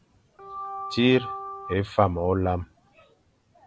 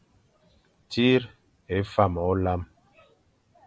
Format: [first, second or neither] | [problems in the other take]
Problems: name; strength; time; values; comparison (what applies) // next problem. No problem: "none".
second | background sound (Organ); 9 dB below the speech